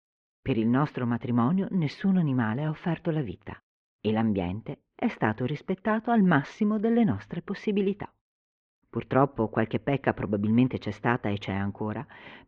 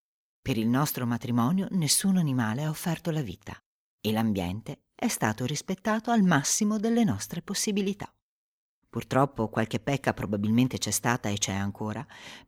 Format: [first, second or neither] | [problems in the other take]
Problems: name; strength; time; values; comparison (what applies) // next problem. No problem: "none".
second | muffled; very; fading above 2.5 kHz